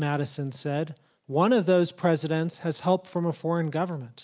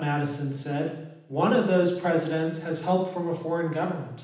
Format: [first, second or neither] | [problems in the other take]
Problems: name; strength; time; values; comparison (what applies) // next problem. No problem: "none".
first | room echo; dies away in 0.9 s